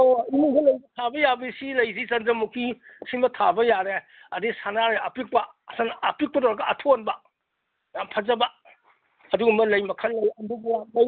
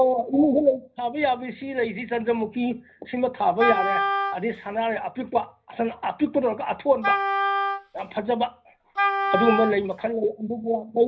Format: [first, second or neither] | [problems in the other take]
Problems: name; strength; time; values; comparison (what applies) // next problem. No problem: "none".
first | background sound (Wind instrument, woodwind instrument); 2 dB below the speech // room echo; dies away in 0.5 s